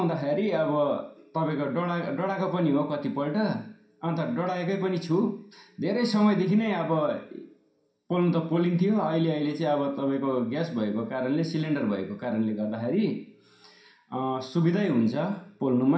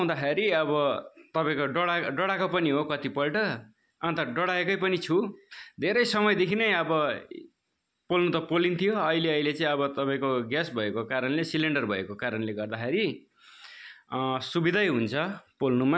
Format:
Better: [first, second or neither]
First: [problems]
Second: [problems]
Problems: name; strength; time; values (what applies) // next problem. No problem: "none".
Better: second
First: room echo; dies away in 0.5 s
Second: none